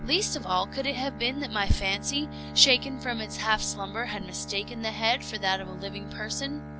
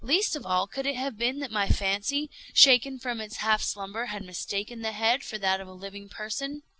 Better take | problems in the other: second | background sound (Bowed string instrument); 11 dB below the speech

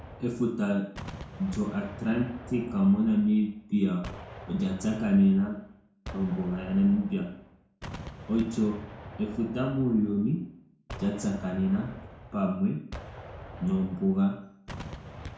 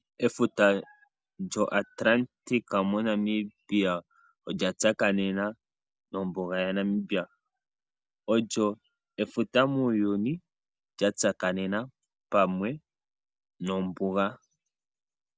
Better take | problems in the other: second | background sound (Gunshot, gunfire); 15 dB below the speech // room echo; dies away in 0.6 s

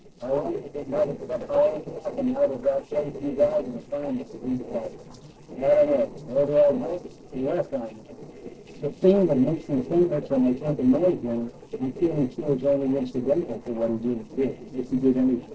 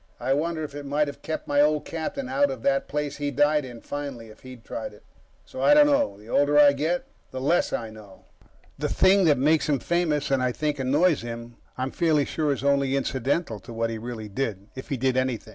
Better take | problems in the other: second | noise reduction (neural separator model SepFormer DNS4)

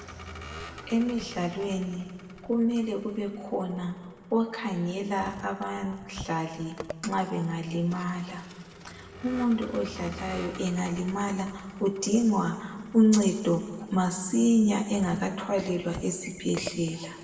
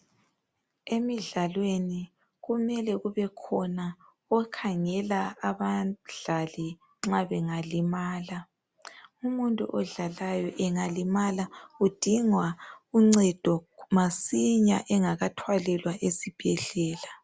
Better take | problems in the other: second | background sound (Vehicle); 17 dB below the speech // room echo; dies away in 1.6 s

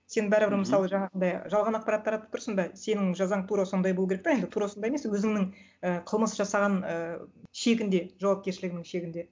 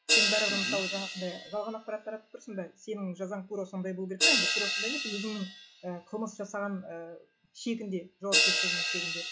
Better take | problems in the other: first | noise reduction (classical method log-MMSE)

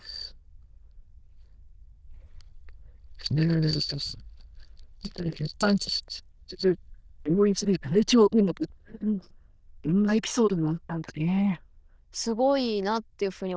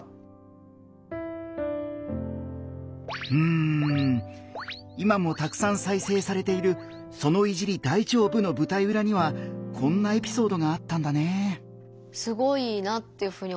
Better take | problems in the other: second | noise reduction (neural diffusion model UNIVERSE++)

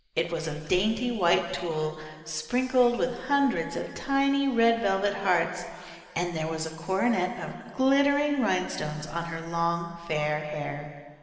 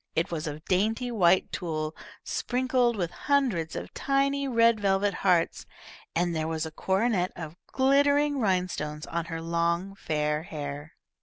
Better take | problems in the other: second | room echo; dies away in 2.1 s

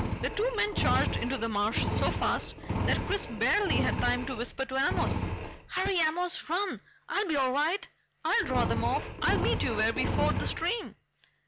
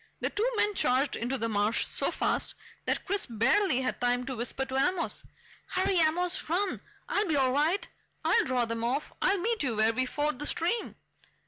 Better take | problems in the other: second | background sound (Engine); 3 dB below the speech

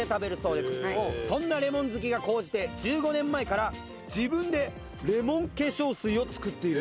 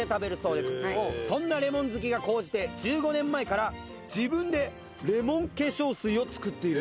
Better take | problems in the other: second | background sound (Drum kit); 19 dB below the speech

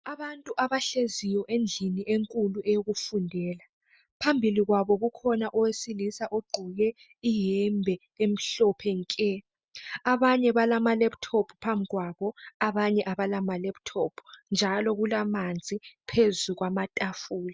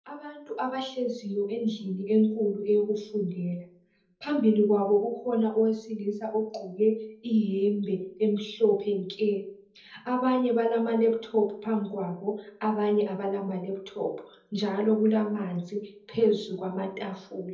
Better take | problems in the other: first | room echo; dies away in 0.7 s

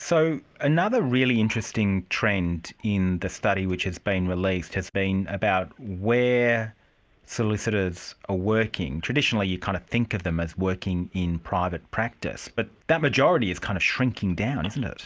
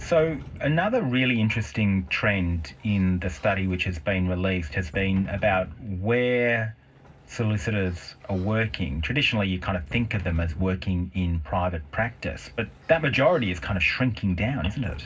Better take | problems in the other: first | background sound (Sliding door); 20 dB below the speech // room echo; dies away in 0.4 s

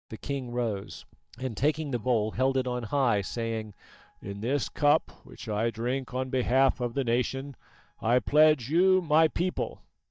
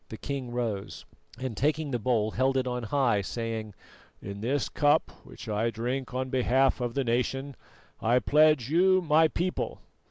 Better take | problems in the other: second | noise reduction (neural mask model DeepFilterNet 3)

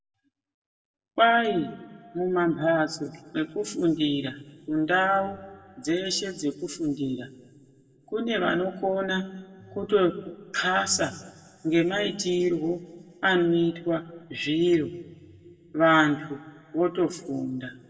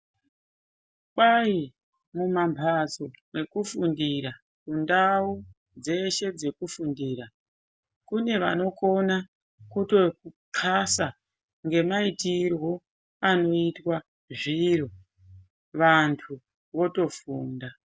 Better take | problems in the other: second | room echo; dies away in 1.4 s

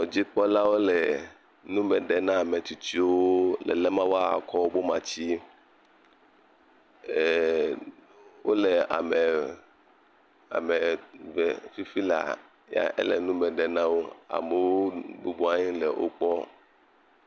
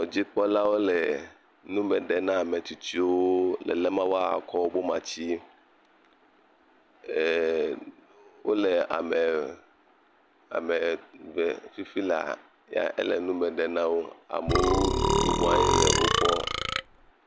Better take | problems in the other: first | background sound (Burping, eructation); 3 dB above the speech

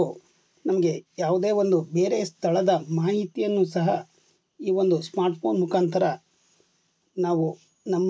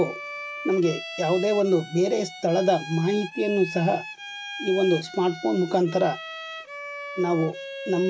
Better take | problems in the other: first | background sound (Bowed string instrument); 12 dB below the speech

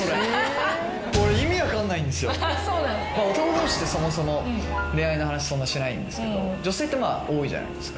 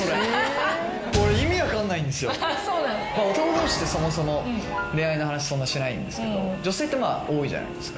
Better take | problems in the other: second | background sound (Fixed-wing aircraft, airplane); 12 dB below the speech

